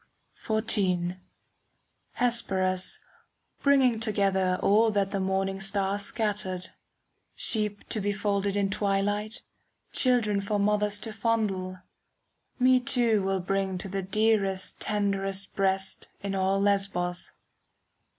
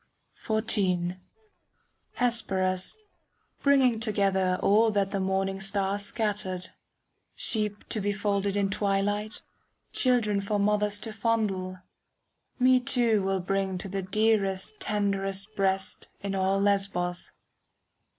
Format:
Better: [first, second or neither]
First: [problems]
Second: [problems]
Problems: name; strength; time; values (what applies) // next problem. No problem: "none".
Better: first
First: none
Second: noise reduction (neural separator model SepFormer DNS4)